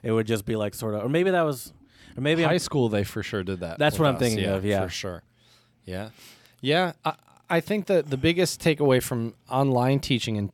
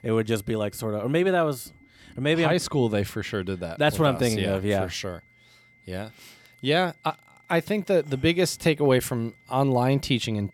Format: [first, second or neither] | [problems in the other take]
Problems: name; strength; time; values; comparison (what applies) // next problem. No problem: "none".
first | high-pitched whine; faint; throughout; 2 kHz, 30 dB below the speech